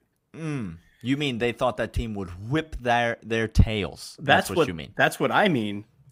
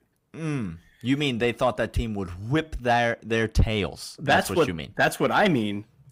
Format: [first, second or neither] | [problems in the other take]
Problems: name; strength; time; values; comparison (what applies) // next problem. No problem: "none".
first | distortion; slight; 10 dB below the speech